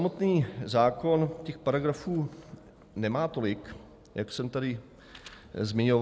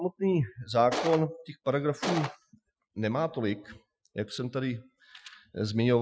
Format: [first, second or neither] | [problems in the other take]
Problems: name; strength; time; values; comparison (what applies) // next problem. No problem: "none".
first | noise reduction (classical method Wiener filter)